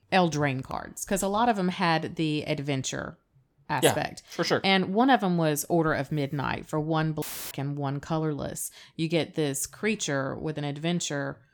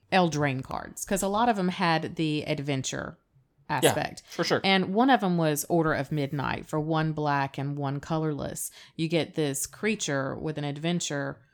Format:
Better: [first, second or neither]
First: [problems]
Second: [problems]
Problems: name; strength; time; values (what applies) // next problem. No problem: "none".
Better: second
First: audio cutting out; filled with static; at 7 s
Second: none